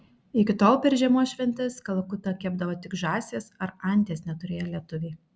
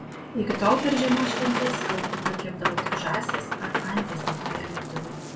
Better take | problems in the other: first | background sound (Boat, Water vehicle); 1 dB below the speech // room echo; dies away in 0.3 s

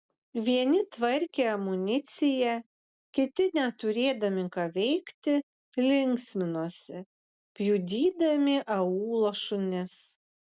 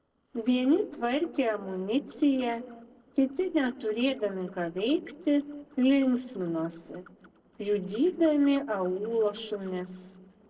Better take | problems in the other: first | noise reduction (neural separator model SepFormer DNS4)

